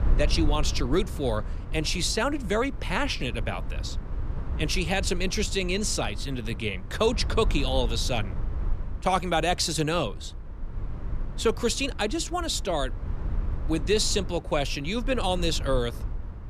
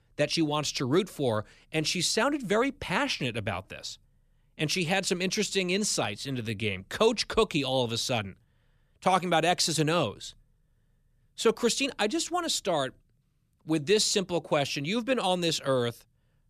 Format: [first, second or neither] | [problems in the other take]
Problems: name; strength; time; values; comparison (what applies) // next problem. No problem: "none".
second | low rumble; noticeable; throughout; 20 dB below the speech